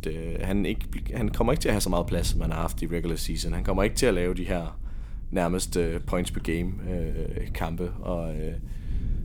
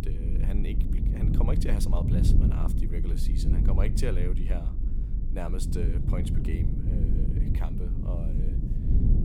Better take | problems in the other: first | low rumble; loud; throughout; 1 dB below the speech; faint in the first

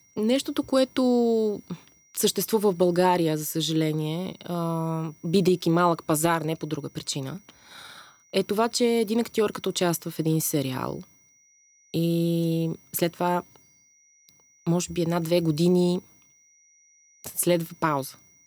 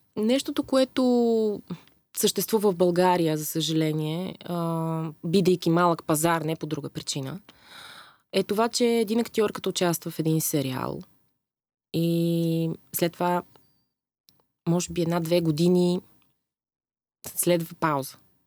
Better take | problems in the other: second | high-pitched whine; faint; throughout; 6 kHz, 30 dB below the speech

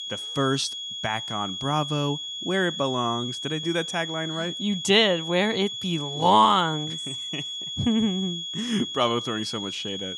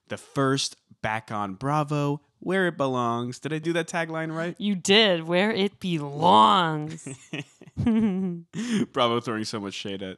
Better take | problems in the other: second | high-pitched whine; loud; throughout; 3.5 kHz, 6 dB below the speech

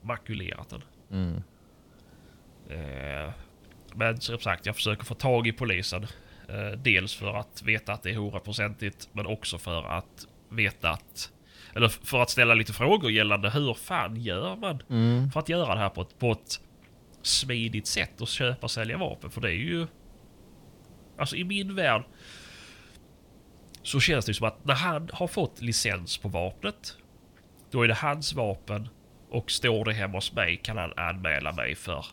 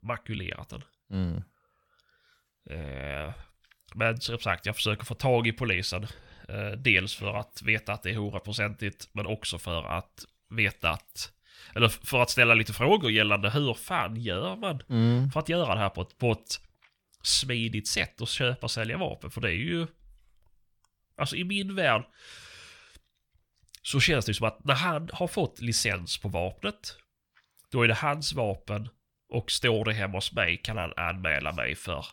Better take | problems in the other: second | hiss; faint; throughout; 30 dB below the speech

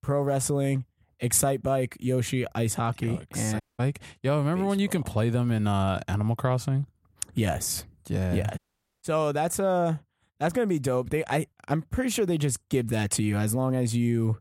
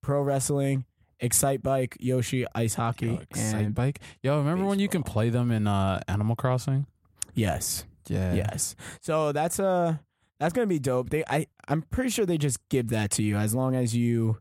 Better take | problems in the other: second | audio cutting out; at 3.5 s and at 8.5 s

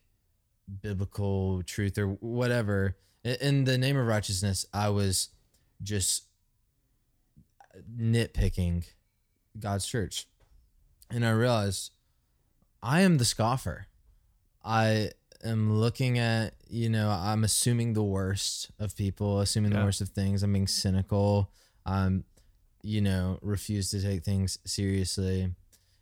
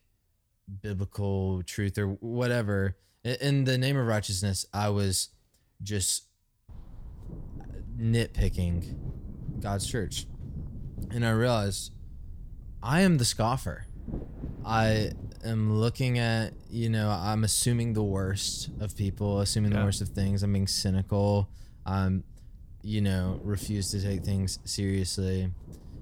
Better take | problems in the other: first | wind noise on the microphone; occasional gusts; from 6.5 s on; 20 dB below the speech

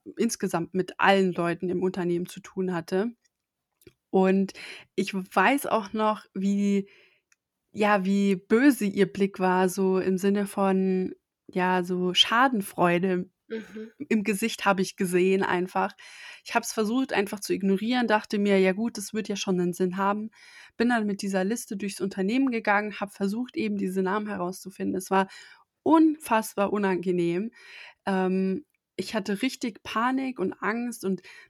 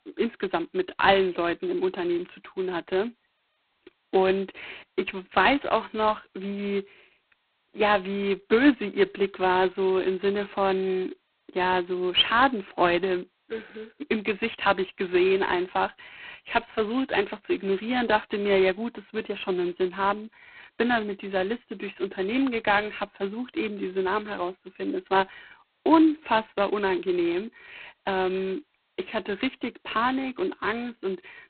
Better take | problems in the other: first | phone-call audio; poor line; nothing above 4 kHz

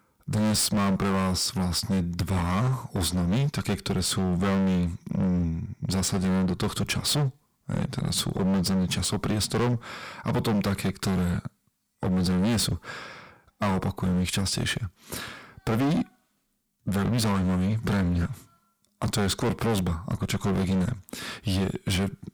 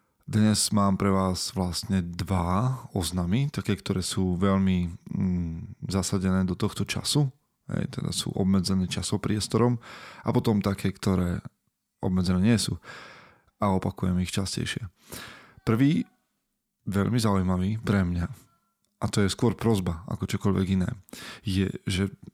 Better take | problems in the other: second | distortion; heavy; 20% of the sound clipped

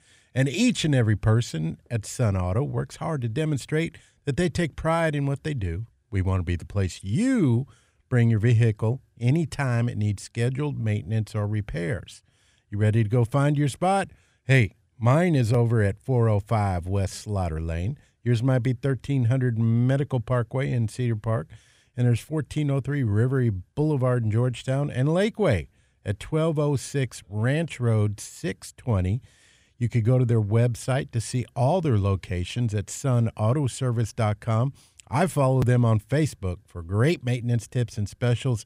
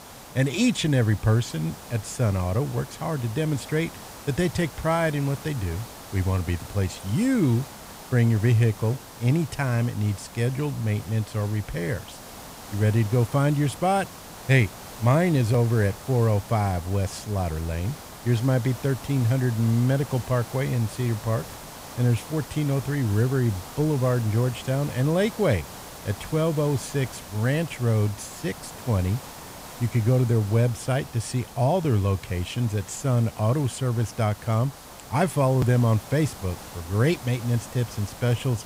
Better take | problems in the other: first | hiss; noticeable; throughout; 15 dB below the speech

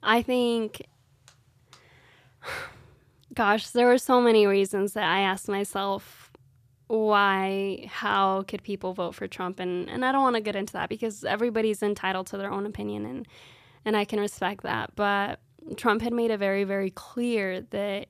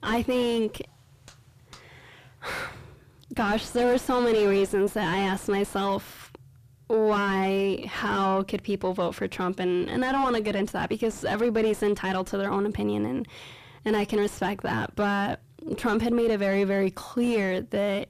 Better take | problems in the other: first | distortion; heavy; 5 dB below the speech

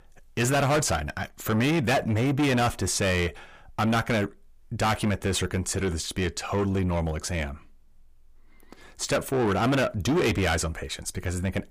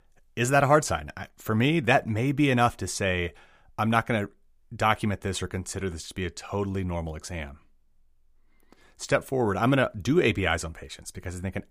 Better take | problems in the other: second | distortion; heavy; 6 dB below the speech

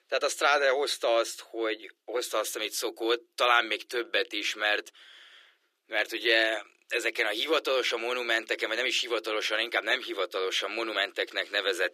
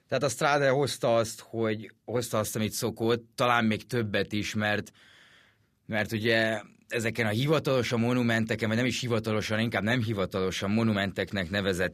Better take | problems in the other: second | thin; very; fading below 350 Hz

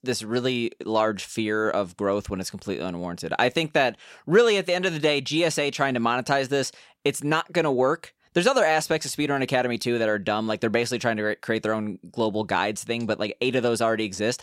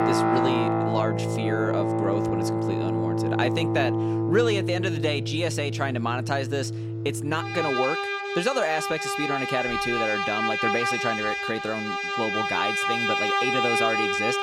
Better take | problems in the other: first | background music; very loud; throughout; 3 dB above the speech

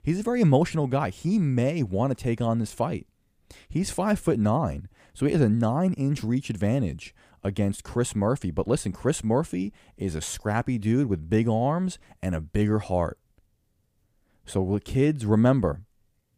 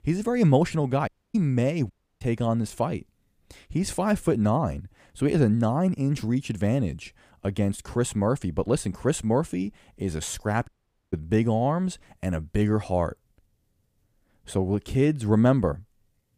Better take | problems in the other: first | audio cutting out; at 1 s, at 2 s and at 11 s

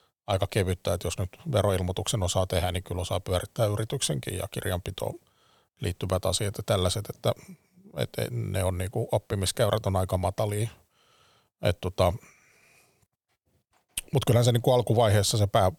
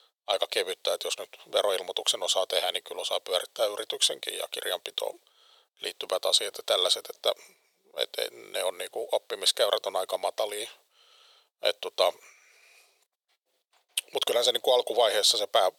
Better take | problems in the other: first | thin; very; fading below 450 Hz

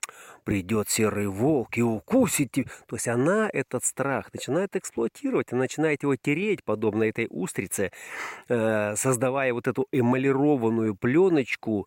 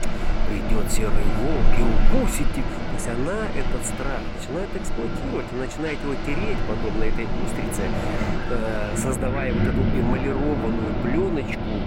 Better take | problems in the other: first | wind in the background; very loud; throughout; 2 dB above the speech

